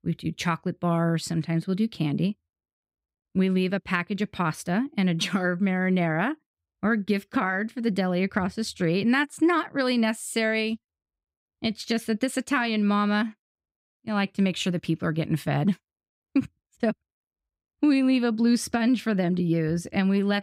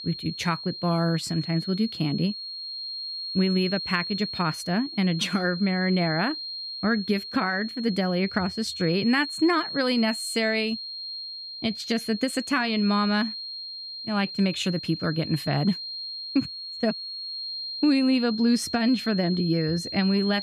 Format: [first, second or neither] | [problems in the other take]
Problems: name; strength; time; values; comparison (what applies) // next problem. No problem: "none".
first | high-pitched whine; loud; throughout; 4.5 kHz, 7 dB below the speech